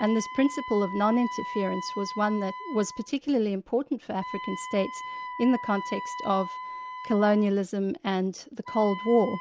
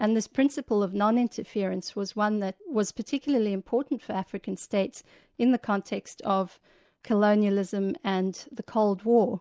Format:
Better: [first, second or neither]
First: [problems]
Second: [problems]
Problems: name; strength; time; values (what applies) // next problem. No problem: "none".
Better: second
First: background sound (Wind instrument, woodwind instrument); 11 dB below the speech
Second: none